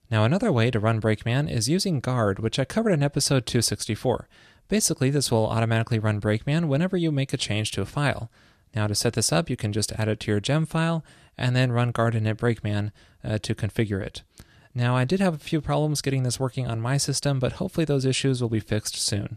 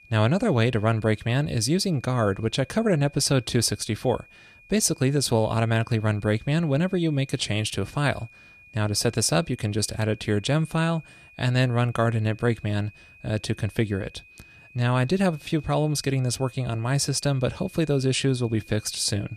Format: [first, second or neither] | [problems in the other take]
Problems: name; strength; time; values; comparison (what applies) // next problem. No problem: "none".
first | high-pitched whine; faint; throughout; 2.5 kHz, 25 dB below the speech